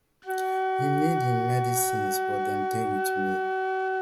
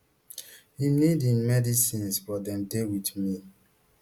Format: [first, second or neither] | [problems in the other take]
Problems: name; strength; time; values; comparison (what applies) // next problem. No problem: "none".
second | background sound (Wind instrument, woodwind instrument); 4 dB above the speech